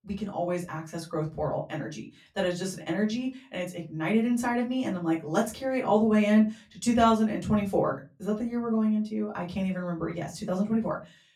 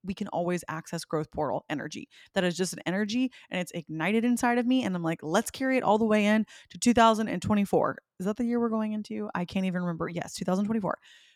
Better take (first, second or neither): second